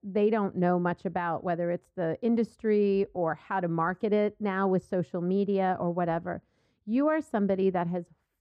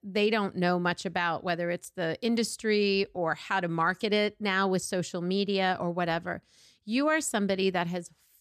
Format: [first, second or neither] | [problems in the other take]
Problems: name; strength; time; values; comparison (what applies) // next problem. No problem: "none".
second | muffled; very; fading above 2.5 kHz